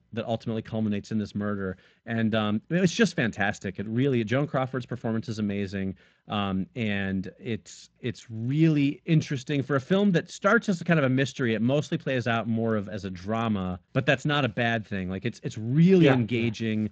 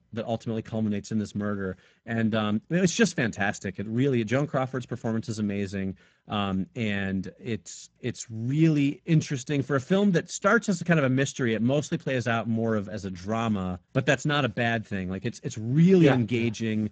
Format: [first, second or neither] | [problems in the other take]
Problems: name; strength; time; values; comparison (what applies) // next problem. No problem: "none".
first | garbled, watery; badly; nothing above 7.5 kHz; slightly in the first